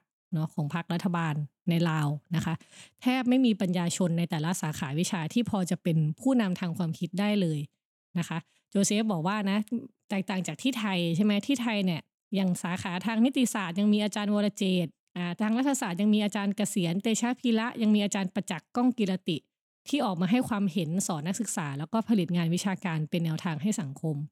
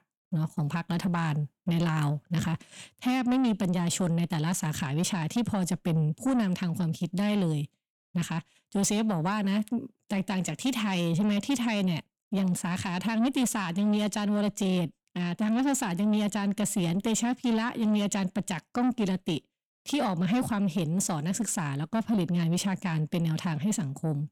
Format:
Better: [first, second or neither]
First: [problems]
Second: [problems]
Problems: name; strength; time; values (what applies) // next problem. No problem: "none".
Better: first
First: none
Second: distortion; slight; 10 dB below the speech